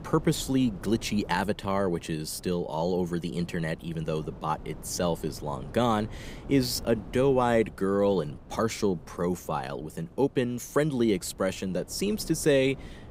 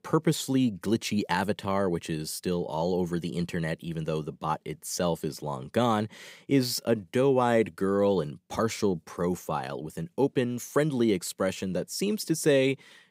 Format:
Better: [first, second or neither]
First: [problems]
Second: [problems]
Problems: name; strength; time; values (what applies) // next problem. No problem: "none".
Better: second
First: wind noise on the microphone; occasional gusts; 20 dB below the speech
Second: none